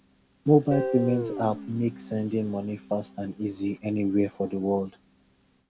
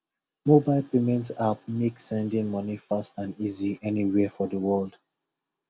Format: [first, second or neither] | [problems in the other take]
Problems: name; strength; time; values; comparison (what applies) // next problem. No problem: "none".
second | background sound (Guitar); 11 dB below the speech